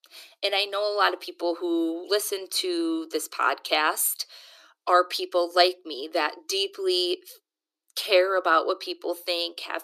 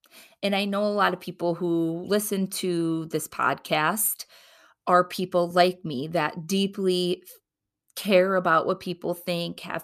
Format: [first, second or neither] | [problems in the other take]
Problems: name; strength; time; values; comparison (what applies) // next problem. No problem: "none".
second | thin; very; fading below 300 Hz